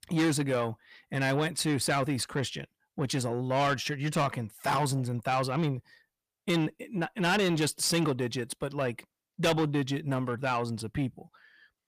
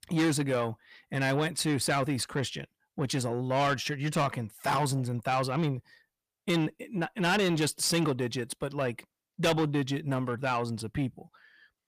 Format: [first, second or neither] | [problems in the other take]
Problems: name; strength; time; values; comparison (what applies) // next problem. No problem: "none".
neither | distortion; heavy; 7 dB below the speech; the same in both